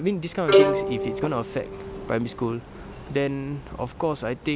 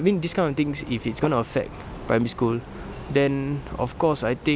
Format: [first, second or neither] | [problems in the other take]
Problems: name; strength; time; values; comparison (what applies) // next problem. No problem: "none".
second | background sound (Bowed string instrument); 3 dB above the speech